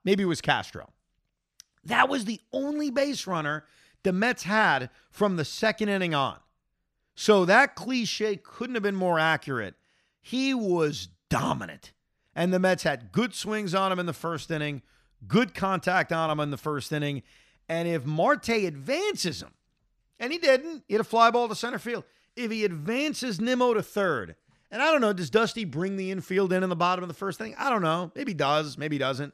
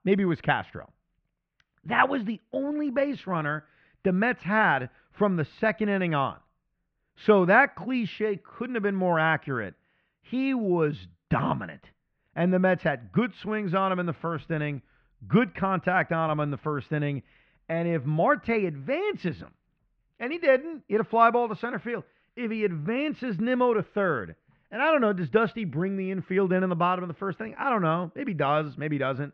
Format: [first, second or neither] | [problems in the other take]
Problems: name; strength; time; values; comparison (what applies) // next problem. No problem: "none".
first | muffled; very; fading above 2.5 kHz